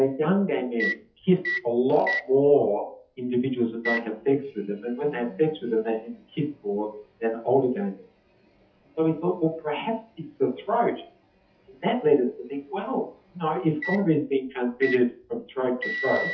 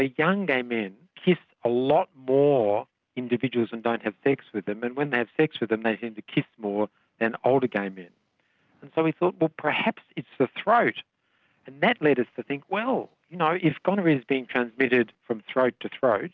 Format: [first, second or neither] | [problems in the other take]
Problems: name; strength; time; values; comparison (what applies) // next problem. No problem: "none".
second | noise reduction (classical method WPE with log-MMSE)